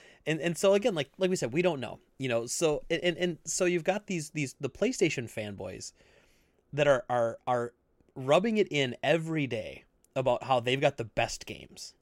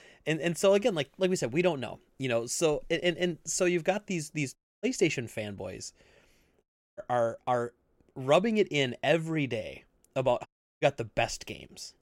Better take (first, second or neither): first